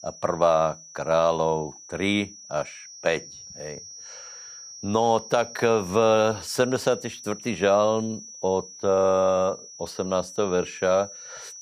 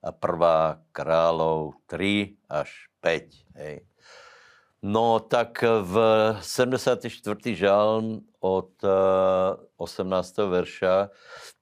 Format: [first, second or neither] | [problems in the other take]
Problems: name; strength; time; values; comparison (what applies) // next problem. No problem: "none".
second | high-pitched whine; noticeable; throughout; 6 kHz, 15 dB below the speech